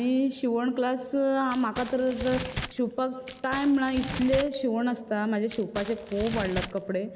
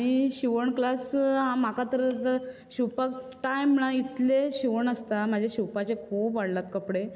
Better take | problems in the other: second | background sound (Crumpling, crinkling); 10 dB below the speech

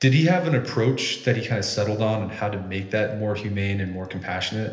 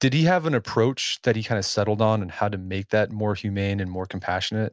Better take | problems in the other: second | room echo; dies away in 1.4 s

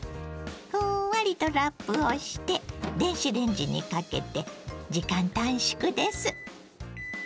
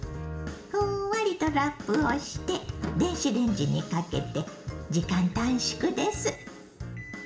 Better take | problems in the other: first | room echo; dies away in 1.2 s

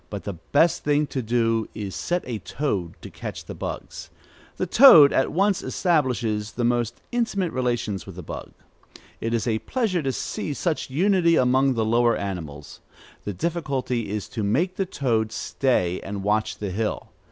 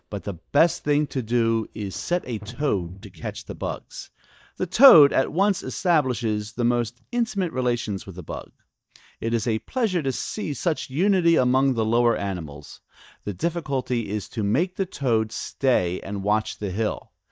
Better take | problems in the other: first | noise reduction (neural mask model DeepFilterNet 3)

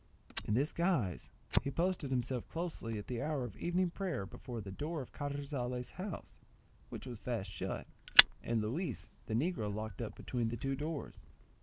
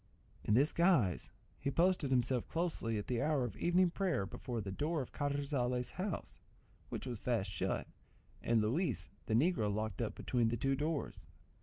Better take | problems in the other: second | background sound (Fire); 5 dB below the speech

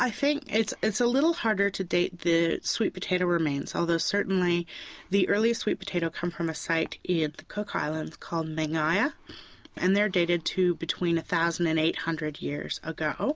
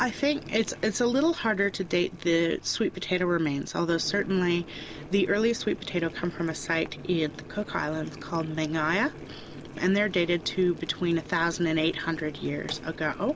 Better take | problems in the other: first | background sound (Boiling); 16 dB below the speech

